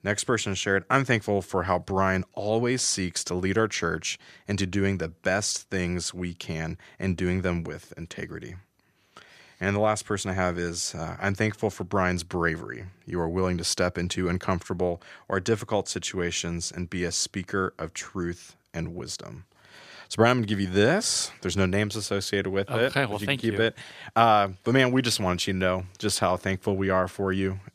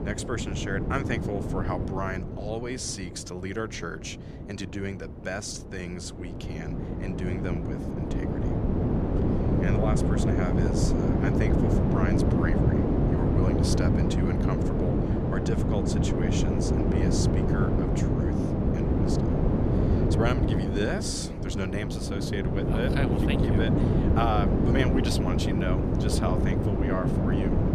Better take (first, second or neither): first